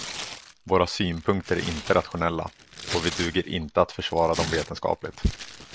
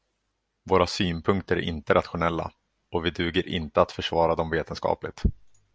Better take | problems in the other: second | background sound (Tearing); 11 dB below the speech

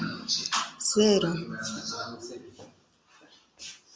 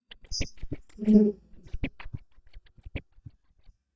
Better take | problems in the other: first | noise reduction (neural mask model DeepFilterNet 3)

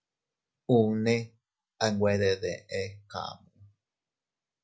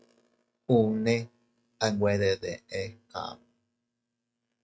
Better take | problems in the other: first | noise reduction (neural mask model RNNoise)

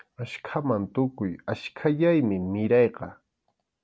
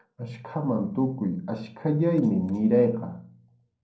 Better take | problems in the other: first | noise reduction (neural separator model SepFormer DNS4)

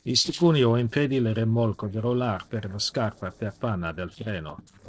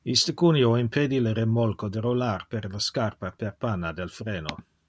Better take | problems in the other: second | noise reduction (neural separator model SepFormer DNS4)

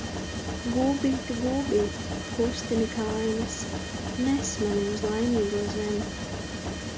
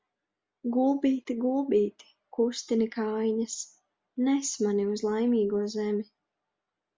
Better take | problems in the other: second | background sound (Mechanisms); 4 dB below the speech

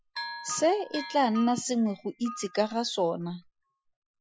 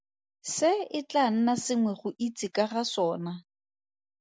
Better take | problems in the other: second | noise reduction (classical method Wiener filter)

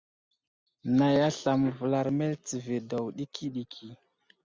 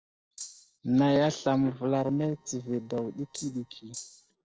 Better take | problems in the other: first | noise reduction (neural separator model SepFormer DNS4)

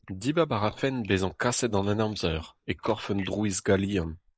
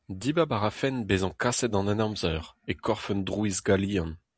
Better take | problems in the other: second | noise reduction (neural mask model Resemble Enhance denoiser)

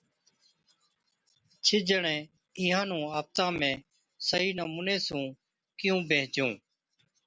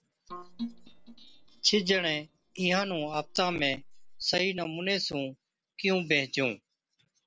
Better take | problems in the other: first | noise reduction (neural separator model SepFormer DNS4)

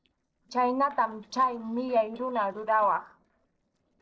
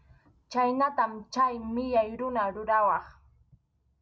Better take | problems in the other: second | noise reduction (neural separator model SepFormer DNS4)

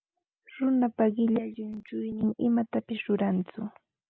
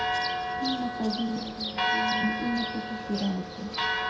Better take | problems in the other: first | background sound (Church bell); 2 dB above the speech // room echo; dies away in 0.6 s

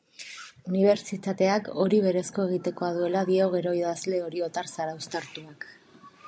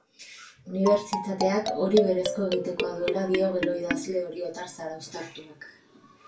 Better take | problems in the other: first | background sound (Marimba, xylophone); 4 dB below the speech // room echo; dies away in 0.2 s

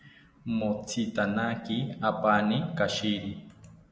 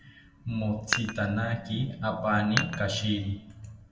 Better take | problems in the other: first | background sound (Dishes, pots, and pans); 6 dB below the speech // room echo; dies away in 0.2 s

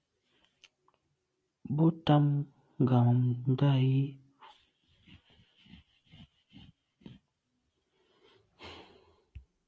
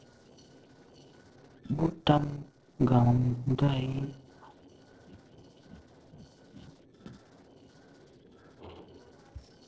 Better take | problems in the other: first | noise reduction (neural separator model SepFormer DNS4)

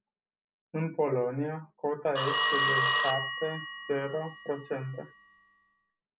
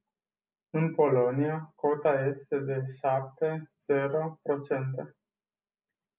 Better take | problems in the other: second | background sound (Telephone); 2 dB above the speech

